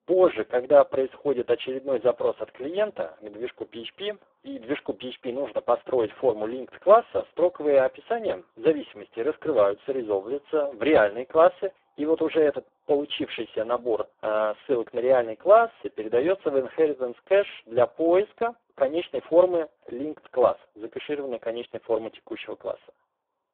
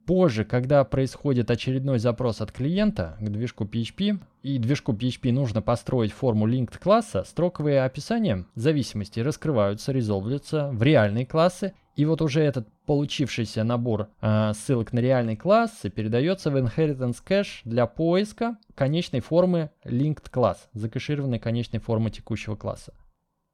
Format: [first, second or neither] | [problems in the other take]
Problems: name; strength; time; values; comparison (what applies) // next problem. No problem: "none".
second | phone-call audio; poor line